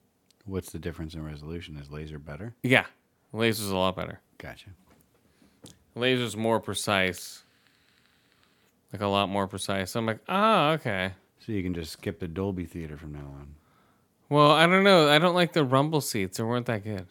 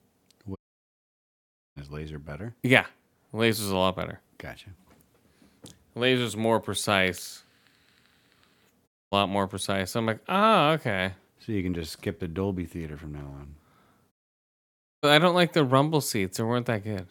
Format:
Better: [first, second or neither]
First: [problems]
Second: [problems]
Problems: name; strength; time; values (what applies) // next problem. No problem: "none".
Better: first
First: none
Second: audio cutting out; at 0.5 s for 1 s, at 9 s and at 14 s for 1 s